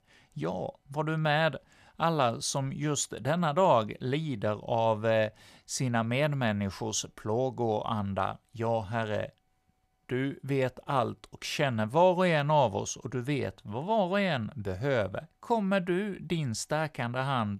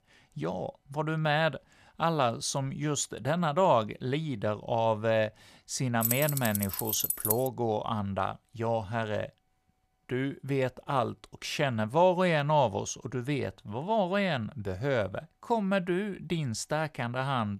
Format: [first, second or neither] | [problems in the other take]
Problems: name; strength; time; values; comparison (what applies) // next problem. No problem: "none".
first | jangling keys; loud; from 6 to 7.5 s; peak 2 dB above the speech